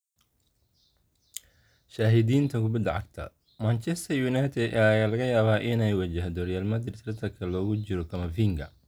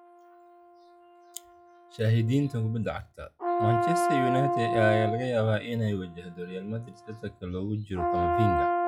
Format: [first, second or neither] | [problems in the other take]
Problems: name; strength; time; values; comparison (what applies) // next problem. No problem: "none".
first | noise reduction (classical method log-MMSE)